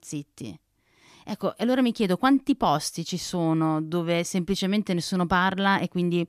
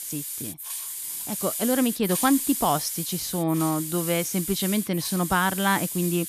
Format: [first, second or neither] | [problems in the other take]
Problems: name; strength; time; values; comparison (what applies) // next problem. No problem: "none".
first | hiss; loud; throughout; 4 dB below the speech